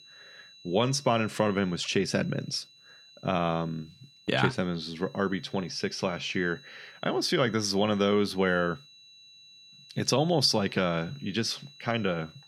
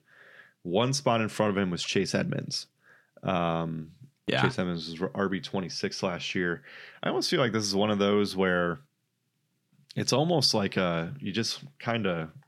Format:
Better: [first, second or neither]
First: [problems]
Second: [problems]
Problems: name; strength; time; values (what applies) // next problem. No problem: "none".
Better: second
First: high-pitched whine; faint; throughout; 4 kHz, 25 dB below the speech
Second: none